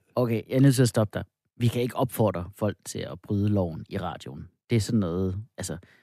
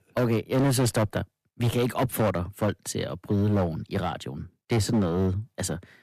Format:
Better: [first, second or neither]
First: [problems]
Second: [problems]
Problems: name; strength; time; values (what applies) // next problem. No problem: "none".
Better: first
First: none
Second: distortion; heavy; 13% of the sound clipped